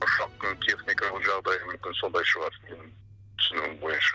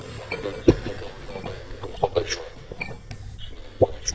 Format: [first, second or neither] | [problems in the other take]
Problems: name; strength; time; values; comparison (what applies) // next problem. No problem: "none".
first | noise reduction (neural mask model DeepFilterNet 3)